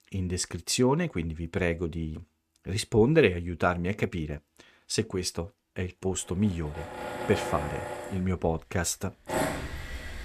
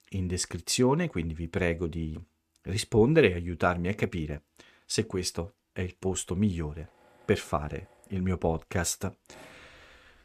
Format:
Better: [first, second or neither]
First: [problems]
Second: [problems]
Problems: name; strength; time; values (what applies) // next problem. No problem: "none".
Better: second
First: machinery noise; loud; from 7 s on; 6 dB below the speech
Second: machinery noise; faint; from 7 s on; 30 dB below the speech